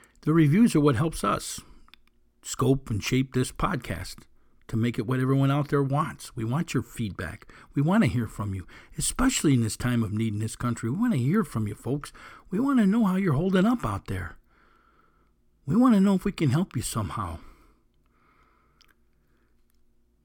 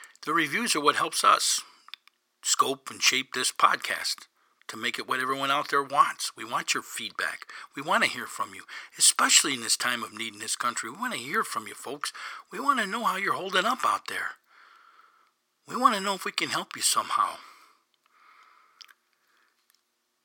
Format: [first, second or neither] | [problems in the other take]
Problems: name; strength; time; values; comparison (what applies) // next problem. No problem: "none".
first | thin; very; fading below 750 Hz